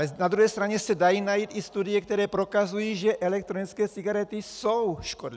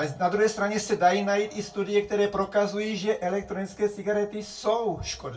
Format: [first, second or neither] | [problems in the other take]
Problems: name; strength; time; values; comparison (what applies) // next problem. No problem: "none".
first | room echo; dies away in 0.2 s